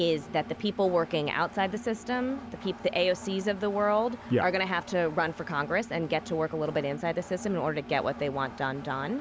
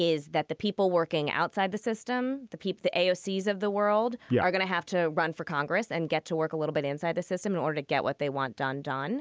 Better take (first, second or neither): second